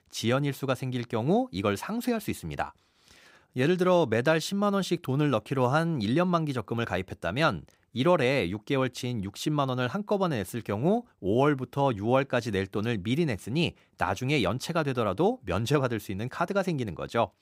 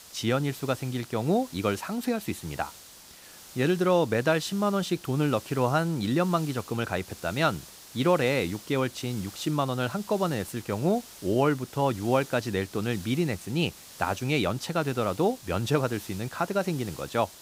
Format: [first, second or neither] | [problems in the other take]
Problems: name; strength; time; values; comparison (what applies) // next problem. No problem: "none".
first | hiss; noticeable; throughout; 15 dB below the speech